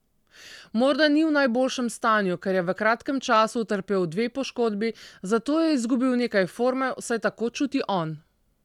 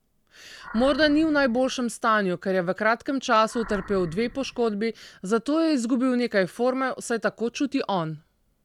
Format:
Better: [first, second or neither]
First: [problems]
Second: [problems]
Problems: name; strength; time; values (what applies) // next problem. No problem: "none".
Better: first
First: none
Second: background sound (Animal); 18 dB below the speech